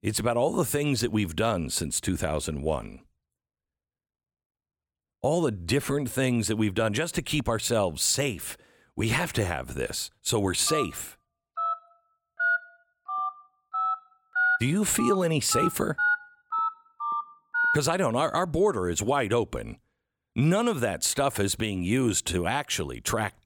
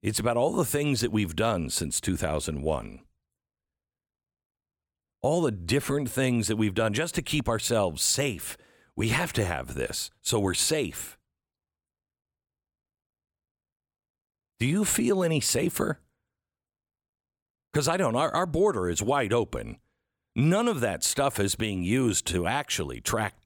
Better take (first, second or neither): second